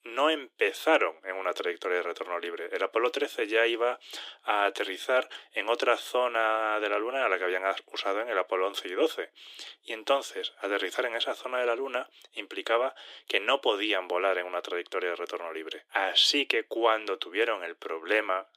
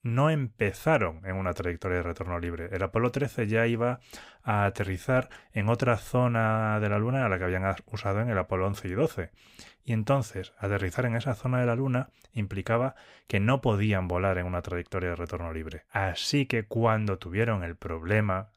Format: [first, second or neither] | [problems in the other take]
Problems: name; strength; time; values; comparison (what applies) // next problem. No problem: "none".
second | thin; very; fading below 300 Hz